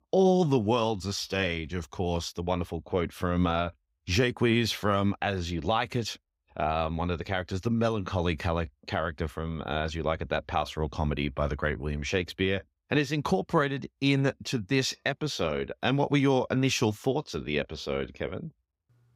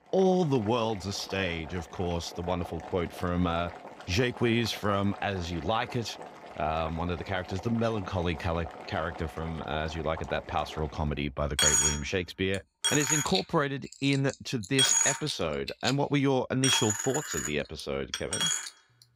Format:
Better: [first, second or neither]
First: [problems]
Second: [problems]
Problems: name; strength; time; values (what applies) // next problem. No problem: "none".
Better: first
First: none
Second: household noises; very loud; throughout; 2 dB above the speech